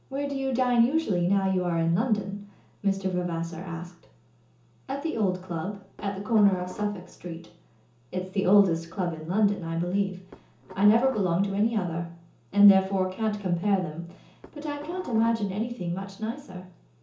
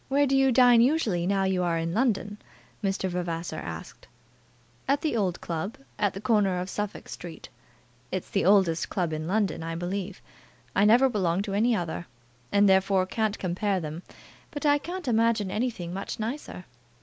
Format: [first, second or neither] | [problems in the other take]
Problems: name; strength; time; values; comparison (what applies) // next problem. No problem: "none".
second | background sound (Dishes, pots, and pans); 18 dB below the speech // room echo; dies away in 0.6 s